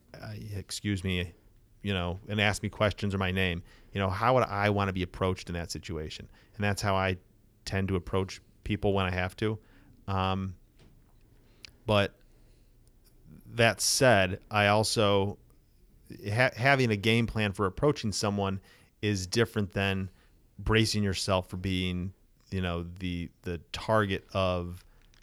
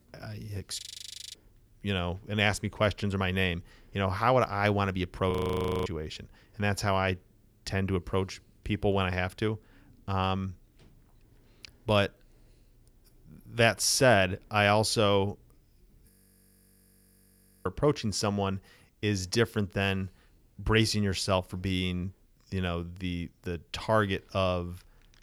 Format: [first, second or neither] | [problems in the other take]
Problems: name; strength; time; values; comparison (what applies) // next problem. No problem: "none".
first | audio freezing; at 1 s for 0.5 s, at 5.5 s for 0.5 s and at 16 s for 1.5 s